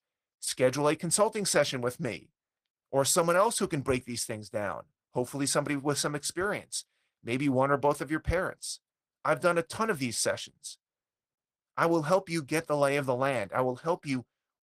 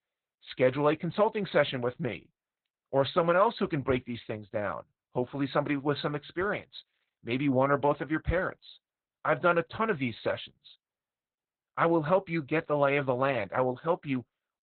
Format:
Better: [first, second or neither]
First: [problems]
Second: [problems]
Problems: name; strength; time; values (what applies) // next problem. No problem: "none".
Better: first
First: garbled, watery; slightly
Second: garbled, watery; badly; nothing above 4 kHz